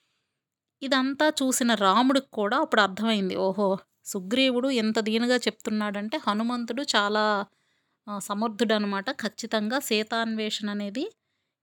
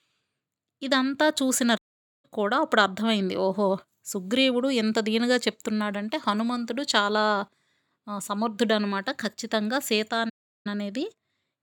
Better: first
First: none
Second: audio cutting out; at 2 s and at 10 s

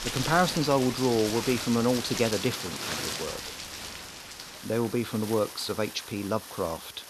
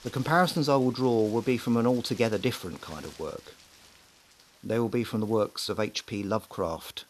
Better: second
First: rain or running water; loud; throughout; 7 dB below the speech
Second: rain or running water; faint; throughout; 25 dB below the speech

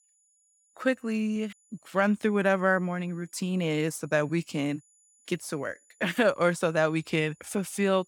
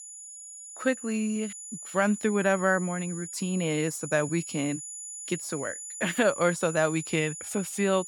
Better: first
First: high-pitched whine; faint; throughout; 7 kHz, 35 dB below the speech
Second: high-pitched whine; loud; throughout; 7 kHz, 9 dB below the speech

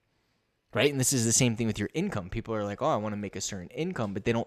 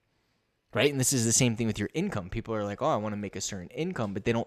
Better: neither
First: none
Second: none

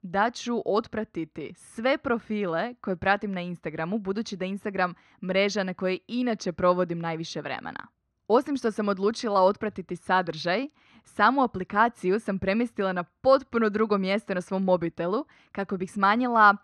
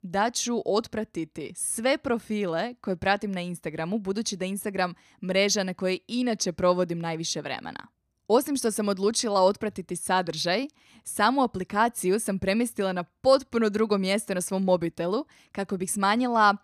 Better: second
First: muffled; slightly; fading above 3.5 kHz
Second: none

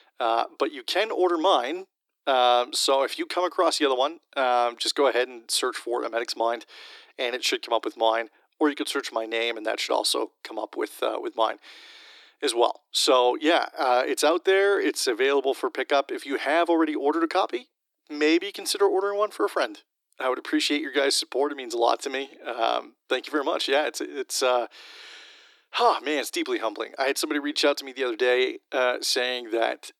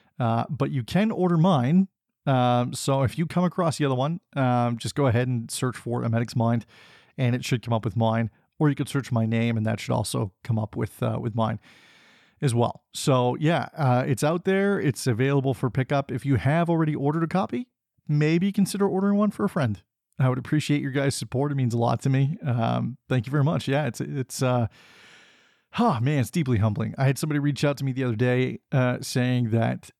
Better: second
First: thin; very; fading below 300 Hz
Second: none

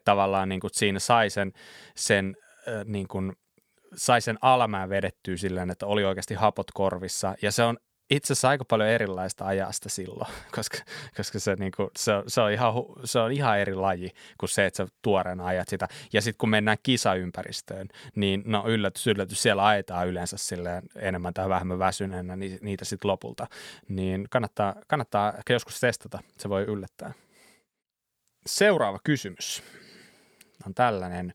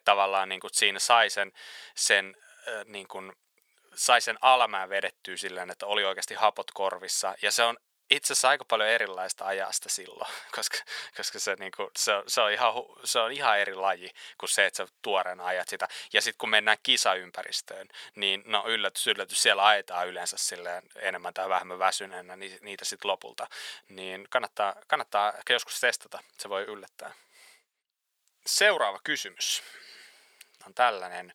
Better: first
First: none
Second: thin; very; fading below 750 Hz

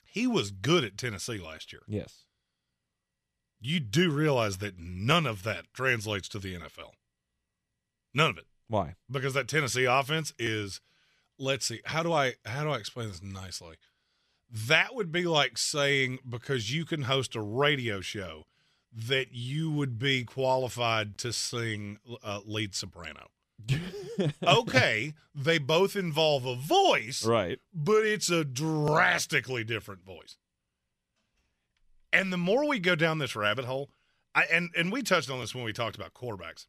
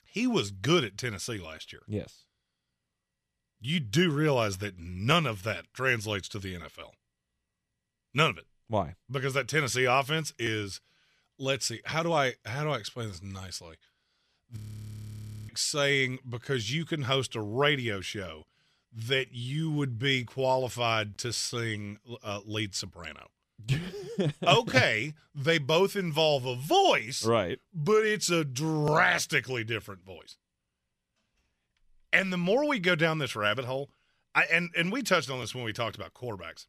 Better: first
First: none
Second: audio freezing; at 15 s for 1 s

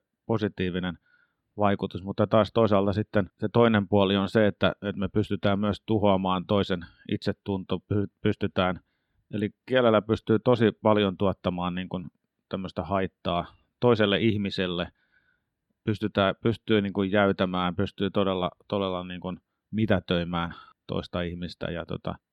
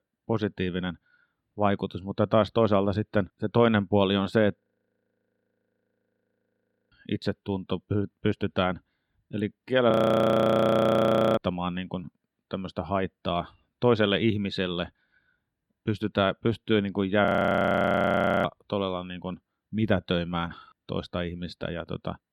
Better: first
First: none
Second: audio freezing; at 4.5 s for 2.5 s, at 10 s for 1.5 s and at 17 s for 1 s

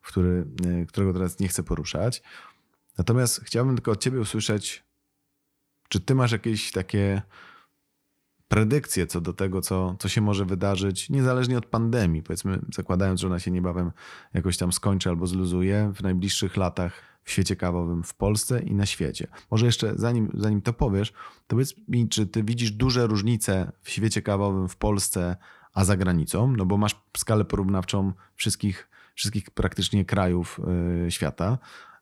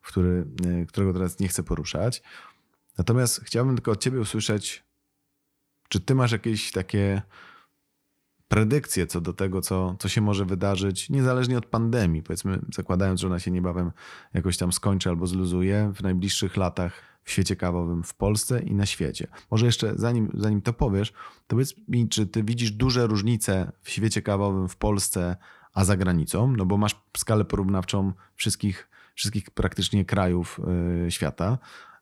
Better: neither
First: none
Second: none

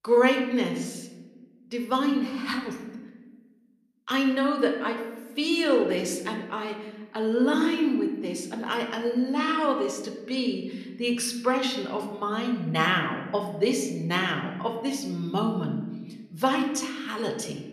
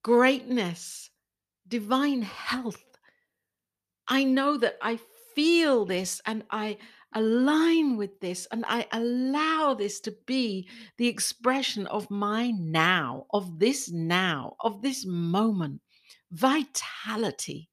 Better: second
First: room echo; slight; dies away in 1 s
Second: none

